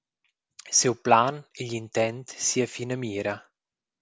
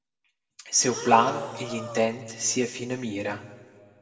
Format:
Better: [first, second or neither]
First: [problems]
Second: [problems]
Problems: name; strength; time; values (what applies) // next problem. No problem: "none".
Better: first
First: none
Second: background sound (Breathing); 9 dB below the speech // room echo; dies away in 1.3 s